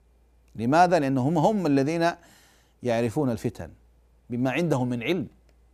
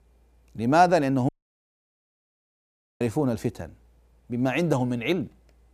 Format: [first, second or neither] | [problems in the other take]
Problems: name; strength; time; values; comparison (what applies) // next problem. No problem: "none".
first | audio cutting out; at 1.5 s for 1.5 s